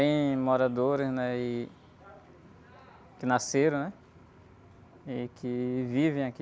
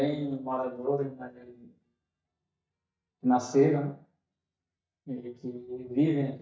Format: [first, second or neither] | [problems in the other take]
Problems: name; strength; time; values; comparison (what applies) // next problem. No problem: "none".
first | noise reduction (neural mask model DeepFilterNet 3)